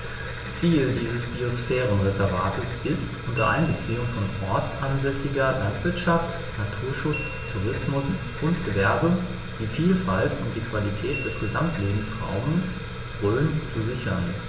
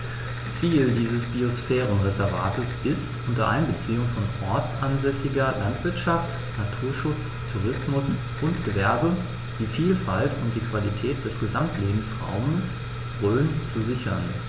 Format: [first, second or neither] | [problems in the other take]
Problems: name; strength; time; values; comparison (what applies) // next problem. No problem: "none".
second | background sound (Bell); 18 dB below the speech // room echo; dies away in 1 s